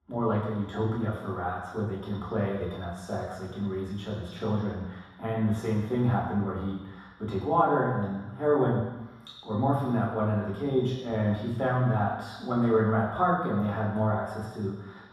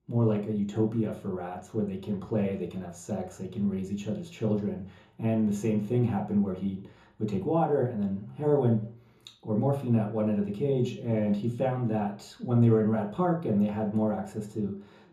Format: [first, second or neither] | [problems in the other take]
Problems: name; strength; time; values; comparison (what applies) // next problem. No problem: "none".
second | room echo; strong; dies away in 1.2 s; slight in the second // off-mic speech; far; far in the second